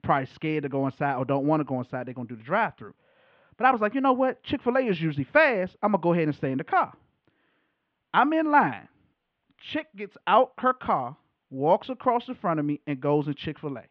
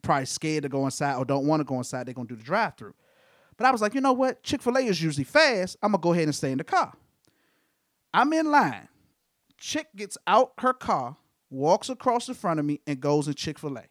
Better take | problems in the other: second | muffled; very; fading above 3 kHz

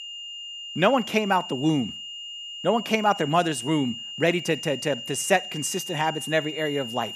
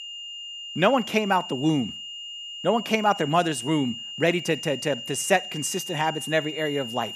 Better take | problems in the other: neither | high-pitched whine; loud; throughout; 3 kHz, 9 dB below the speech; the same in both

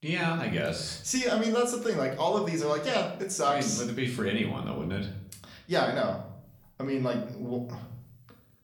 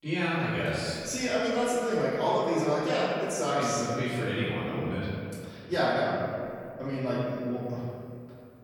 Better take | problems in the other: first | room echo; strong; dies away in 2.2 s; slight in the first // off-mic speech; far; somewhat distant in the first

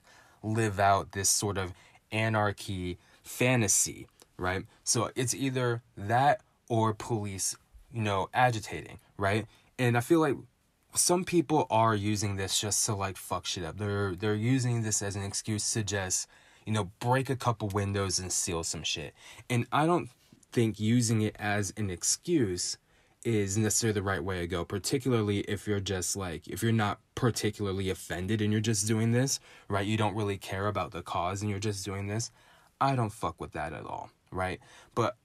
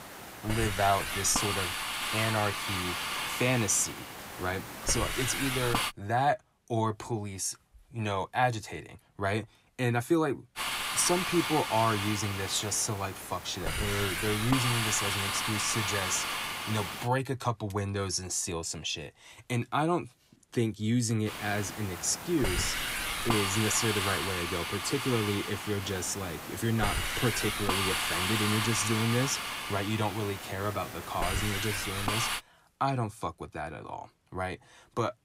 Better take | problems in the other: first | hiss; loud; until 6 s, from 11 to 17 s and from 21 to 32 s; 1 dB below the speech

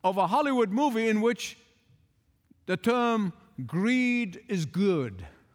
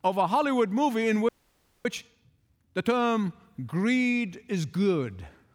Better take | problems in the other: first | audio freezing; at 1.5 s for 0.5 s

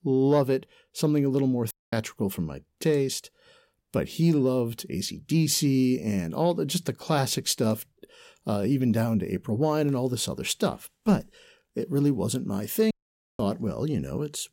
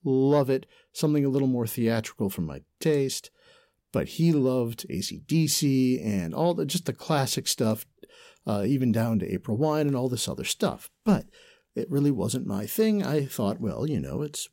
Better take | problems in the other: second | audio cutting out; at 1.5 s and at 13 s

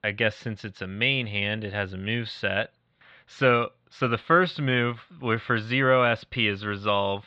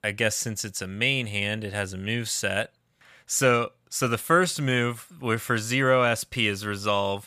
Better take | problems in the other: second | muffled; very; fading above 4 kHz

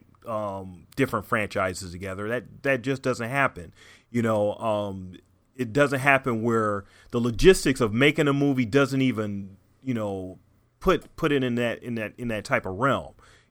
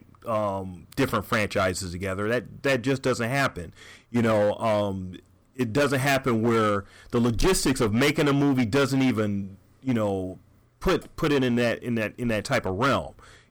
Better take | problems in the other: first | distortion; heavy; 11% of the sound clipped

